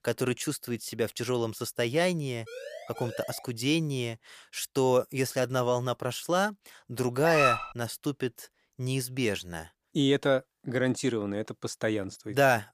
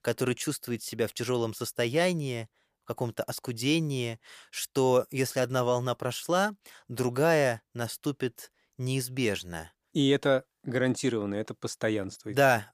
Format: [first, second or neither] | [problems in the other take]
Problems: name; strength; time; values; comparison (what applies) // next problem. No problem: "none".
second | siren; faint; at 2.5 s; peak 10 dB below the speech // dog barking; loud; at 7 s; peak 3 dB above the speech